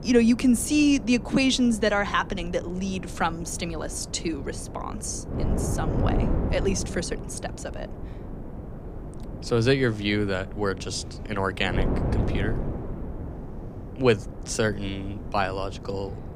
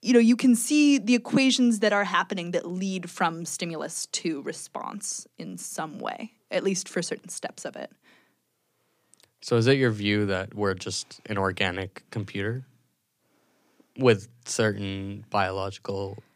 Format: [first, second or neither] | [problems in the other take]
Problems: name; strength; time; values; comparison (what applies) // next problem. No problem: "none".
second | wind noise on the microphone; occasional gusts; 10 dB below the speech